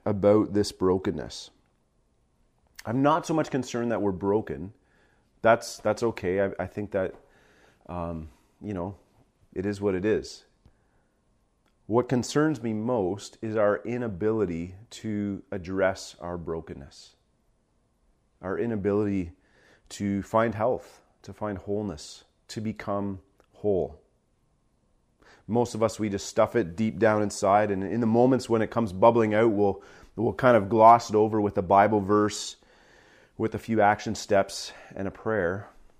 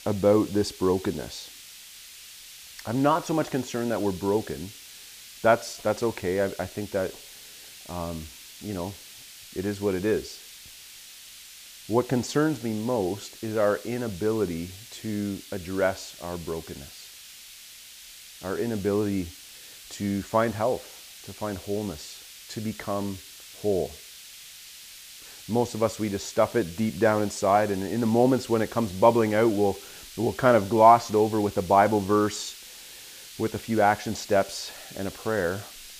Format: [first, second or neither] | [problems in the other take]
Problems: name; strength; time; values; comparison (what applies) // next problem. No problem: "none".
first | hiss; noticeable; throughout; 15 dB below the speech